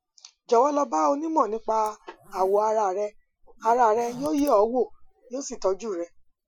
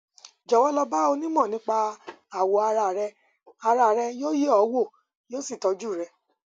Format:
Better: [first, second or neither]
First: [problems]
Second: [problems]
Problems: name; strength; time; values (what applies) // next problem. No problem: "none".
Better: second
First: noise reduction (classical method Wiener filter)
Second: none